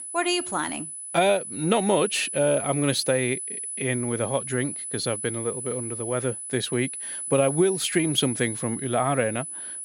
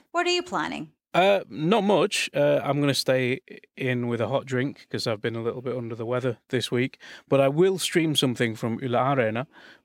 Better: second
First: high-pitched whine; loud; throughout; 10 kHz, 6 dB below the speech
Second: none

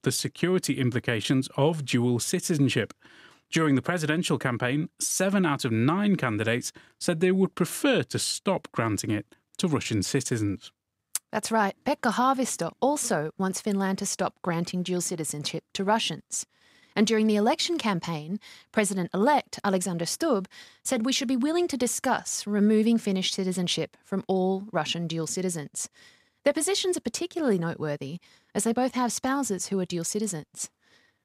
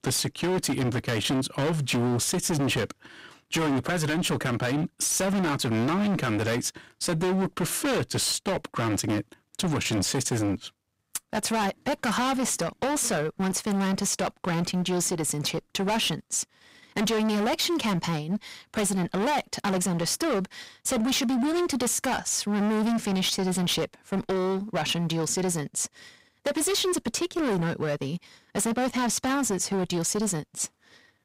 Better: first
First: none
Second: distortion; heavy; 25% of the sound clipped

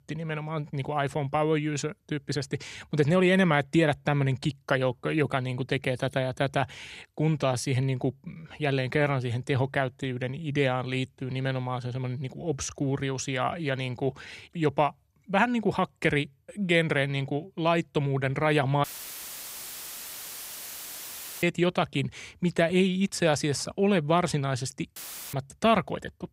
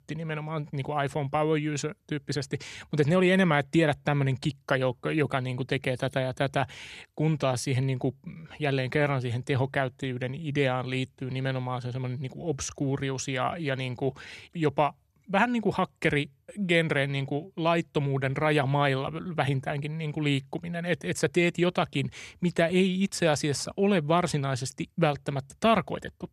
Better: second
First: audio cutting out; filled with static; at 19 s for 2.5 s and at 25 s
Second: none

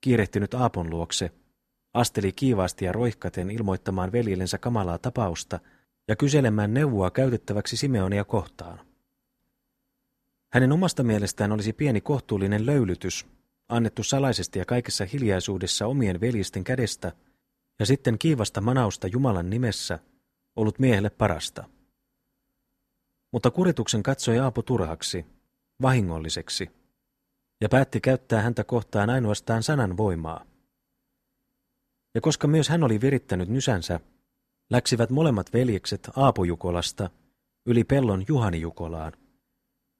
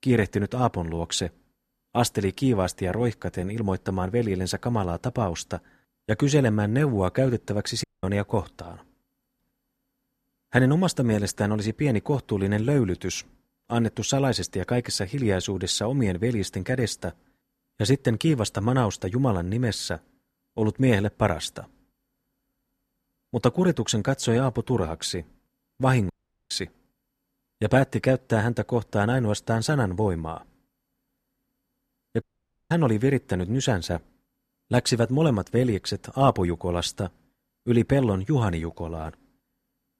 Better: first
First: none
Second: audio cutting out; at 8 s, at 26 s and at 32 s

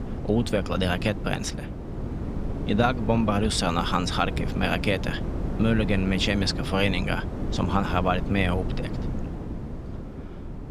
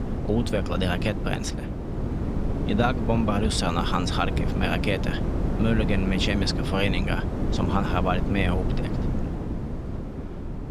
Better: first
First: wind noise on the microphone; occasional gusts; 10 dB below the speech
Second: wind noise on the microphone; heavy; 7 dB below the speech

